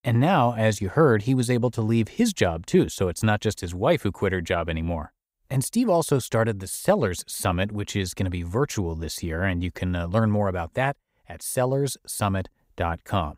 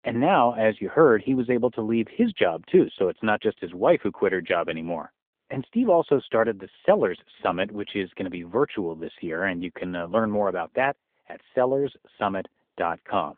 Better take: first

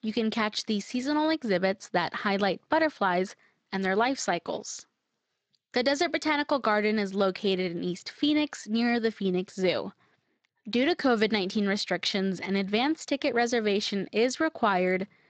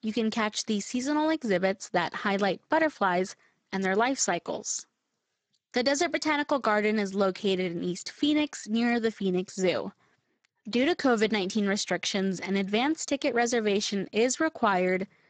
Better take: first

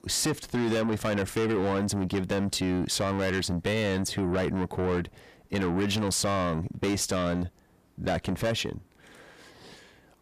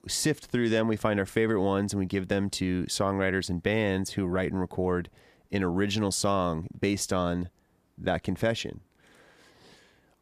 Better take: second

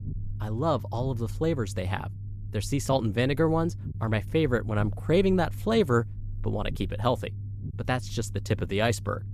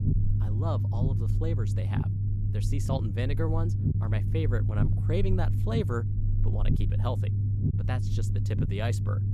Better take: first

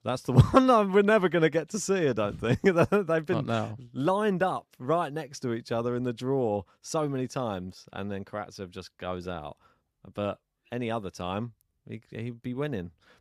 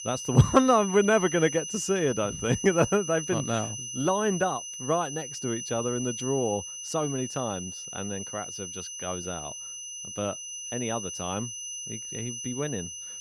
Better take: first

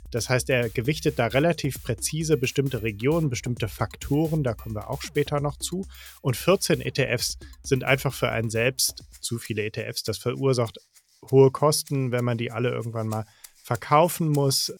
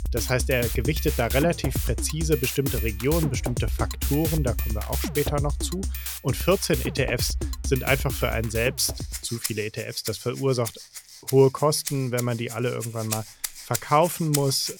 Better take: first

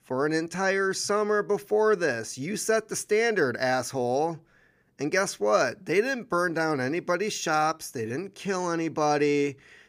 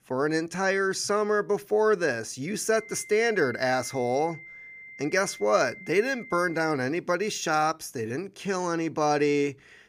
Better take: first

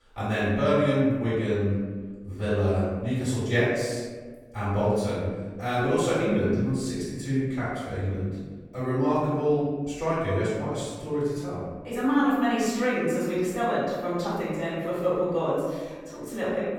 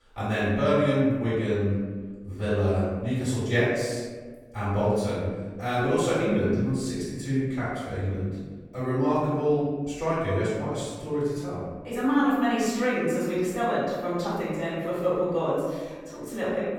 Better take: neither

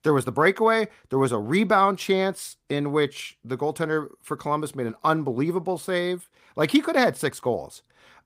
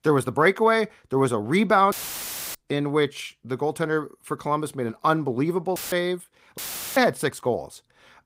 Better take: first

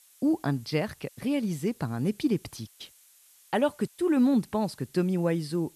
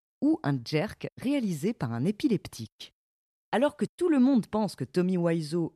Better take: second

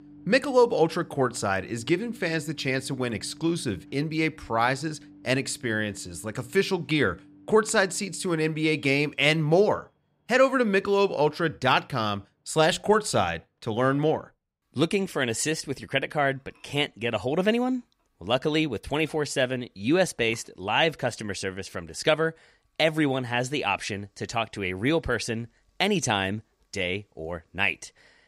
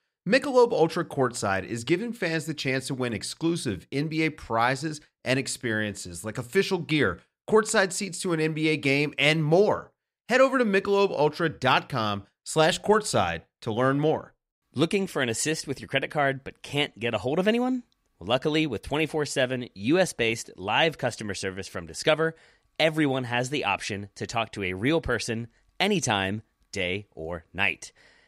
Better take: second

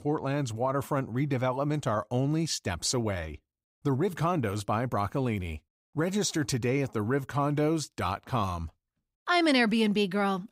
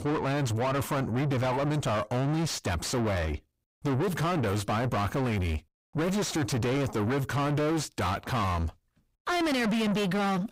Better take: first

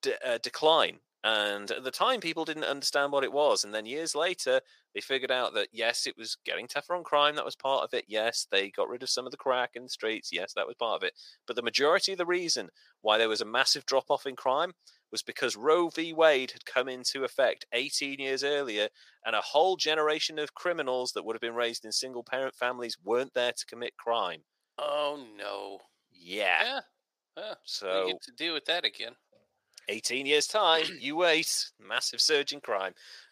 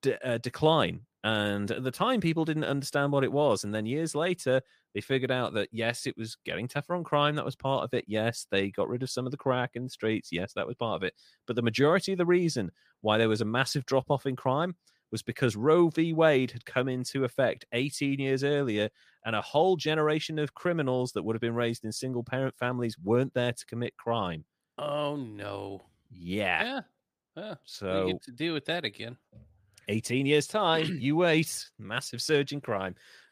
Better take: second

